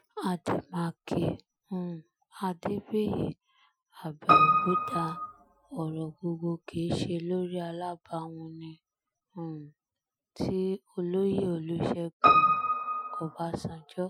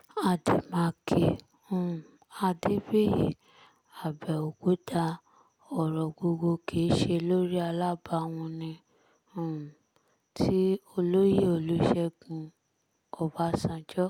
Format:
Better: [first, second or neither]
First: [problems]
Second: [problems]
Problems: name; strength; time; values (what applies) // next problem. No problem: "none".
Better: second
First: noise reduction (classical method Wiener filter)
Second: none